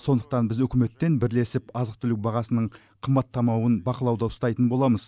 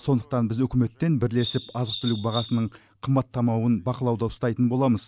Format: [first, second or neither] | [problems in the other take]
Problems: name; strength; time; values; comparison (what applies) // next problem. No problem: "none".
first | background sound (Bird vocalization, bird call, bird song); 11 dB below the speech